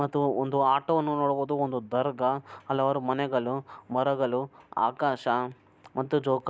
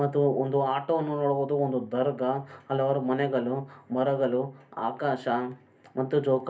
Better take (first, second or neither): first